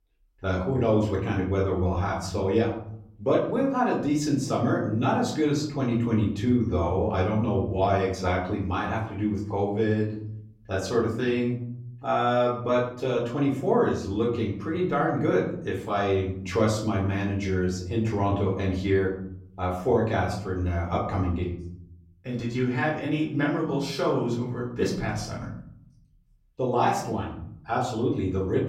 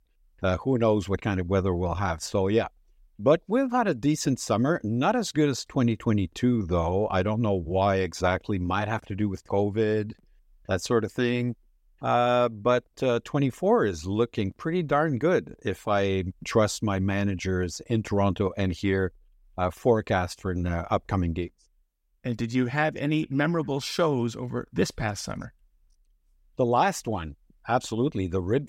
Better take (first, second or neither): second